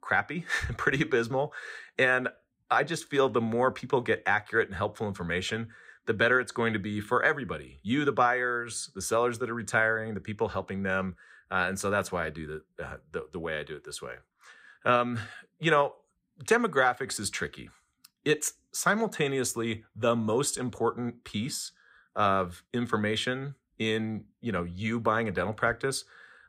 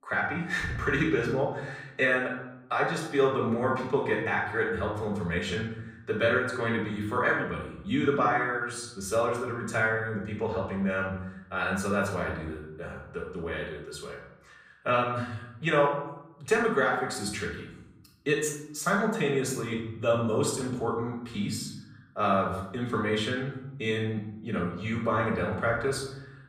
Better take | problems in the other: first | room echo; noticeable; dies away in 0.9 s // off-mic speech; far

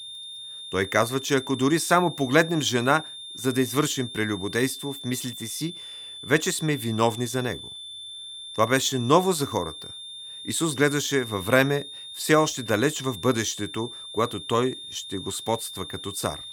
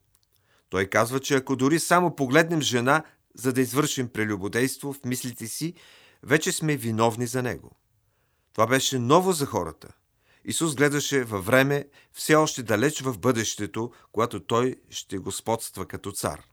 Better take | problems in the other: second | high-pitched whine; noticeable; throughout; 3.5 kHz, 10 dB below the speech

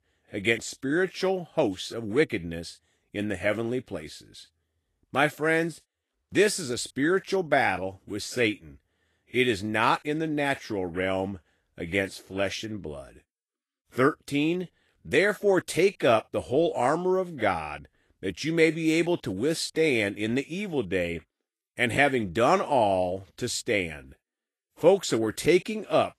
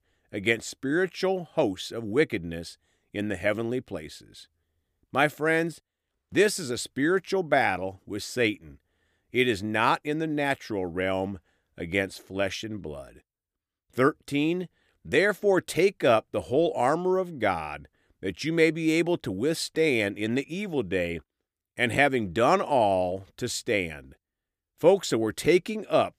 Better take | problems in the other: second | garbled, watery; slightly; nothing above 12.5 kHz

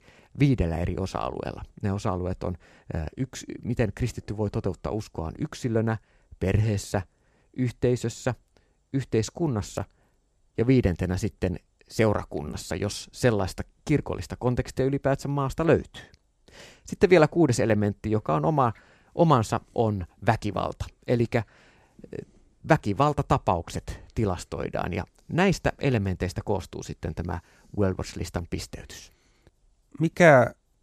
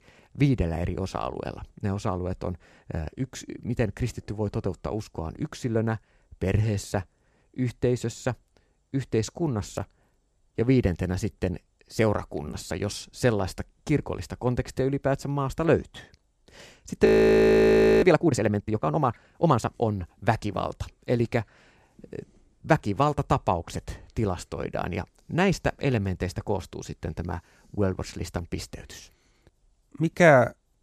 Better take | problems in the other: first | audio freezing; at 17 s for 1 s

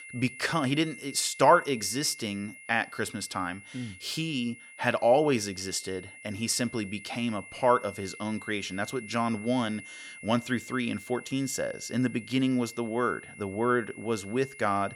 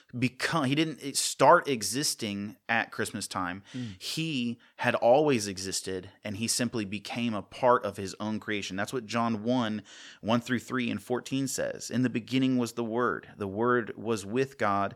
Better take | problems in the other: second | high-pitched whine; noticeable; throughout; 2 kHz, 15 dB below the speech

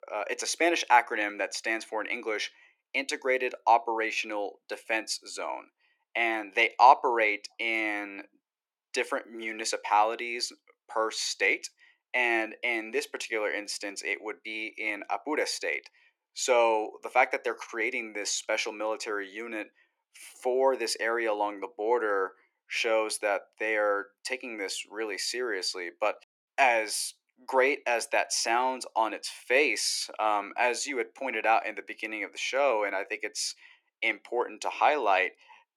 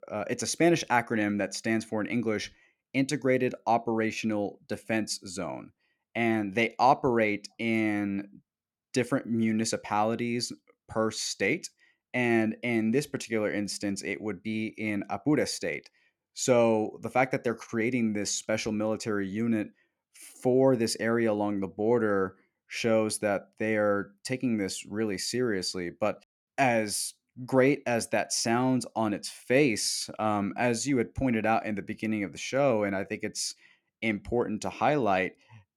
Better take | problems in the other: second | thin; very; fading below 350 Hz

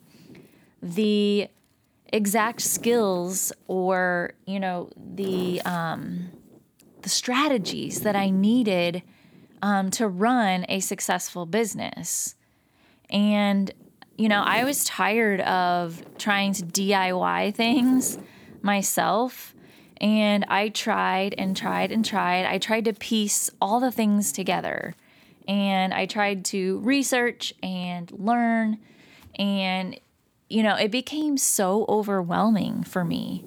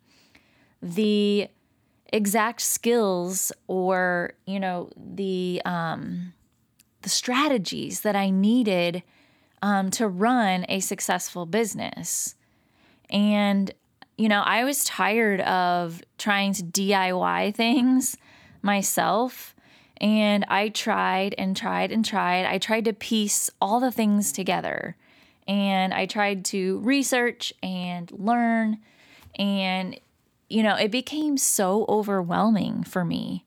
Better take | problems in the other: second | wind noise on the microphone; occasional gusts; 25 dB below the speech

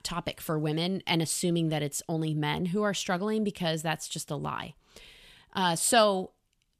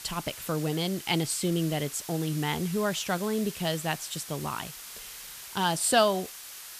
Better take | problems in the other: first | hiss; noticeable; throughout; 10 dB below the speech

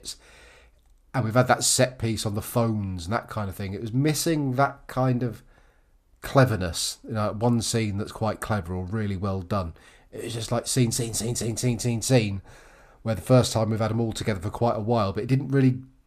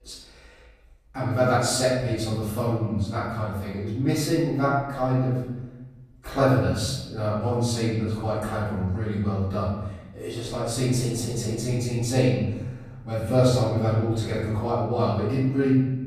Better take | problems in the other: first | off-mic speech; far // room echo; strong; dies away in 1.1 s

